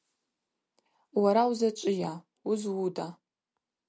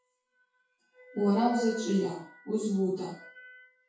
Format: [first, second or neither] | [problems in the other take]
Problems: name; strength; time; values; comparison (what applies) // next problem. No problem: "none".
first | noise reduction (classical method WPE with log-MMSE)